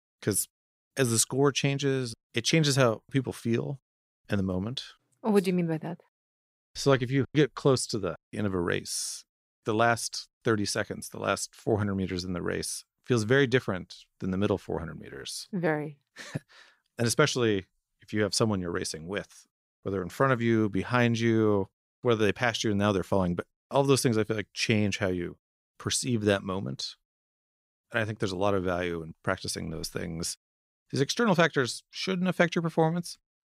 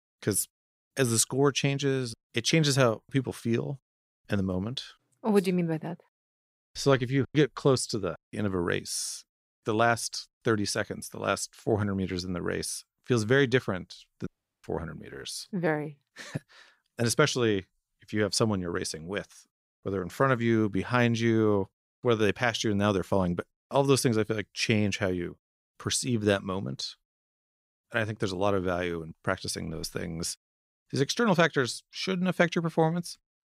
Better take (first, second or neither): first